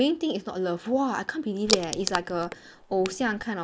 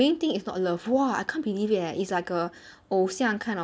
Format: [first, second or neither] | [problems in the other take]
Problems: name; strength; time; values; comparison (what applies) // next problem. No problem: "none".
second | noise reduction (neural mask model Resemble Enhance denoiser)